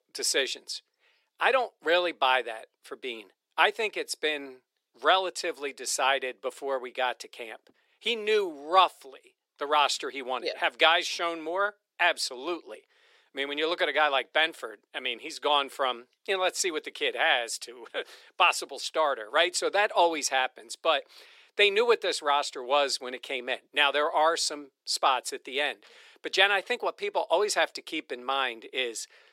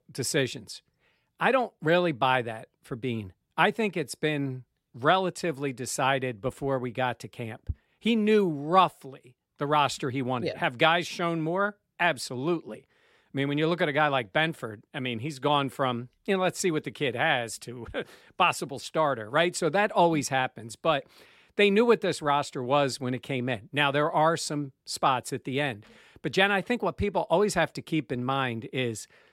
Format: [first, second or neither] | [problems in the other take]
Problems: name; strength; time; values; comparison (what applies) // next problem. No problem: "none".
second | thin; very; fading below 400 Hz